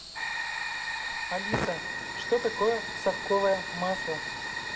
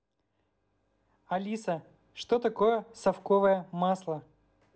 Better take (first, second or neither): second